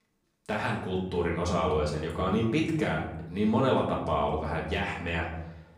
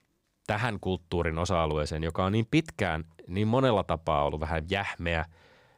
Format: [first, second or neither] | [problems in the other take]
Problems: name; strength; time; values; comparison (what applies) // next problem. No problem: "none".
second | room echo; noticeable; dies away in 0.7 s // off-mic speech; far